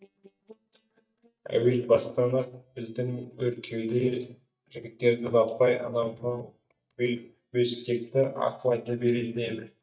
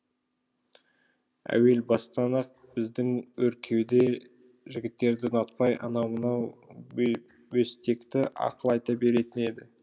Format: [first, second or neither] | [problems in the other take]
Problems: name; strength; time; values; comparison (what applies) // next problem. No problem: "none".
second | noise reduction (neural mask model DeepFilterNet 3)